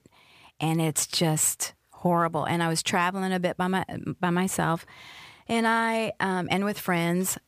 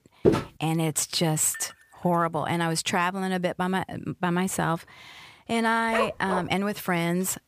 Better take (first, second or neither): first